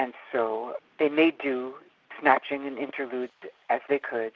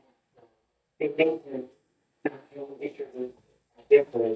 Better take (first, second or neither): first